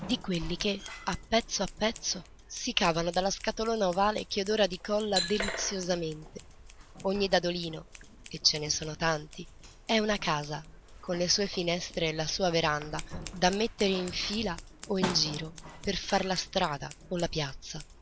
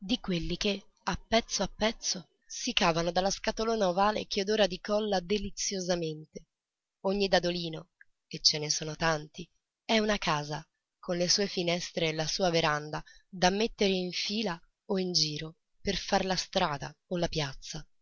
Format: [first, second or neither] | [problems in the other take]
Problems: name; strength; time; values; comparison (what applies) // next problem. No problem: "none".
second | background sound (Scissors); 12 dB below the speech